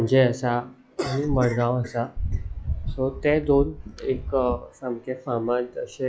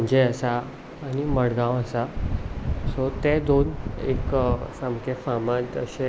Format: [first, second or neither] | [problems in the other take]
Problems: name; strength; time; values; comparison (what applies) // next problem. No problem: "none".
second | noise reduction (classical method log-MMSE)